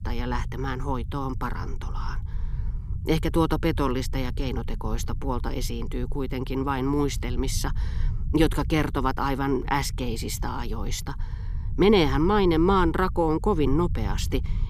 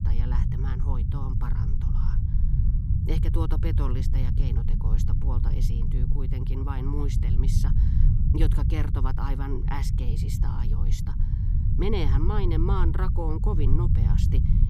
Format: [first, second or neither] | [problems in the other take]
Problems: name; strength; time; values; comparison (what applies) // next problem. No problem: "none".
first | low rumble; loud; throughout; 3 dB below the speech; faint in the first